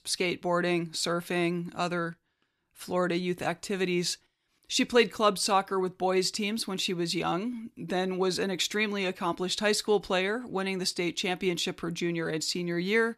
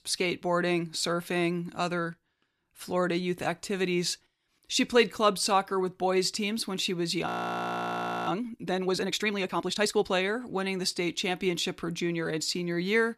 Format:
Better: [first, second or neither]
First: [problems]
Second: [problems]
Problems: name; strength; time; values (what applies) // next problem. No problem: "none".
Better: first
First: none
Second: audio freezing; at 7.5 s for 1 s